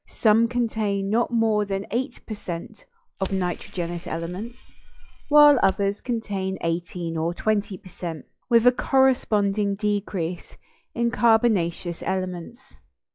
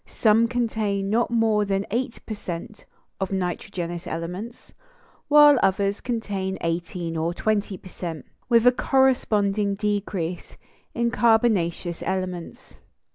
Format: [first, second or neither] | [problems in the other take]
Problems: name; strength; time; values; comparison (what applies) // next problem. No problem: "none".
second | noise reduction (classical method log-MMSE)